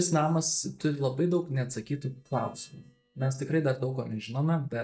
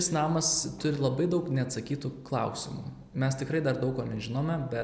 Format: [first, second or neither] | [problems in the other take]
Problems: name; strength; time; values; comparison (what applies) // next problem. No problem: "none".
second | noise reduction (neural mask model DeepFilterNet 3)